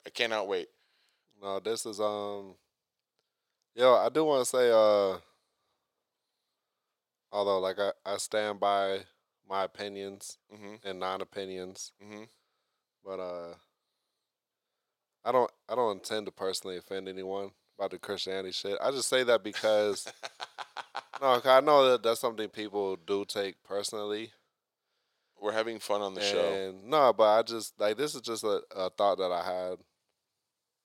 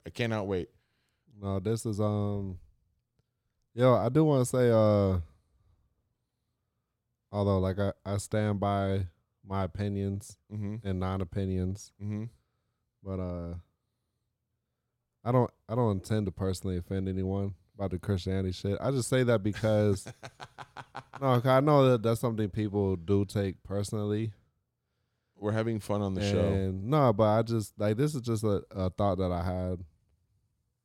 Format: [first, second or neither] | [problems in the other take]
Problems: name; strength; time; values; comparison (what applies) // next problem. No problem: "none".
second | thin; very; fading below 550 Hz